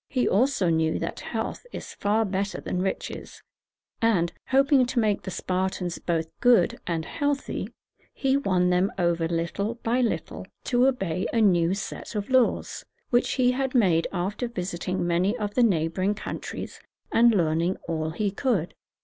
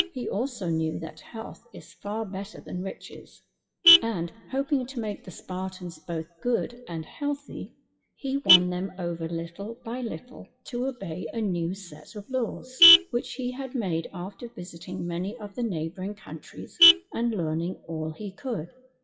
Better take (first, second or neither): first